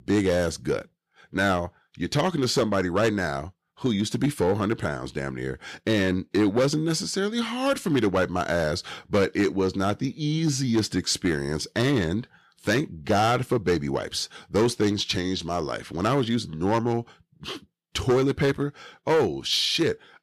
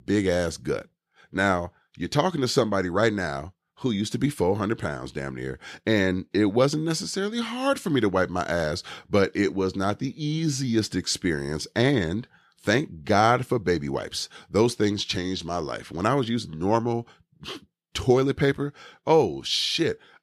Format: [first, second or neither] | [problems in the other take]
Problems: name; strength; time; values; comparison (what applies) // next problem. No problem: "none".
second | distortion; slight; 5% of the sound clipped